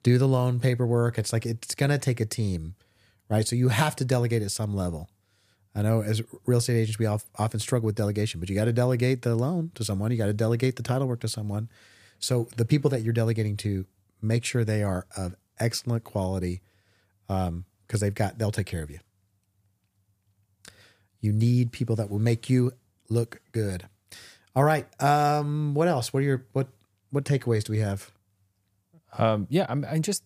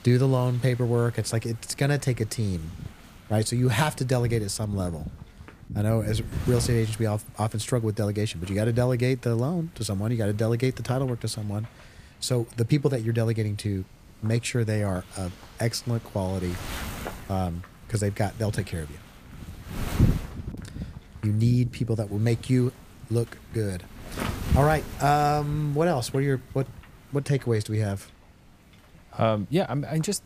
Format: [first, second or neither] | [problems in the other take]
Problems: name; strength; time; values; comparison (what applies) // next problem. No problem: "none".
first | wind noise on the microphone; occasional gusts; 15 dB below the speech